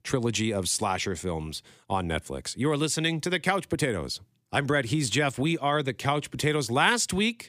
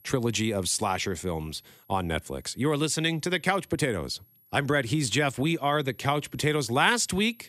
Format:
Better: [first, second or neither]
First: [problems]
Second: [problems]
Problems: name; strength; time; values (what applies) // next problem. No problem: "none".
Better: first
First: none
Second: high-pitched whine; faint; throughout; 11.5 kHz, 30 dB below the speech